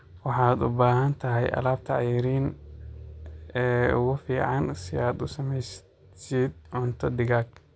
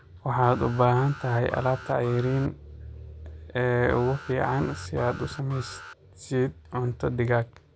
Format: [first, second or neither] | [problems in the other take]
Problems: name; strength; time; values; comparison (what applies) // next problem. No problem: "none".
first | background sound (Alarm); 18 dB below the speech